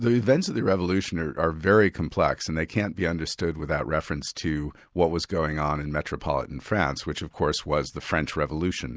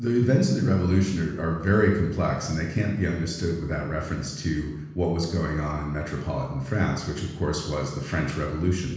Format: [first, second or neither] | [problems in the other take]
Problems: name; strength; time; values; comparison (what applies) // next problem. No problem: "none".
first | room echo; dies away in 1.1 s